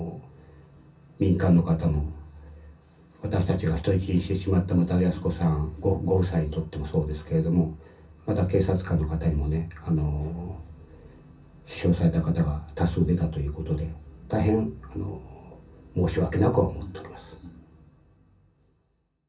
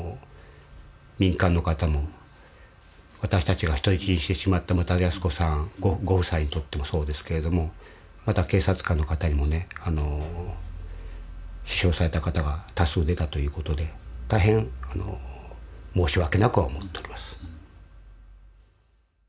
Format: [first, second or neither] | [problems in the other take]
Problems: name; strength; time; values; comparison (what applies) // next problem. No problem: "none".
second | room echo; dies away in 0.3 s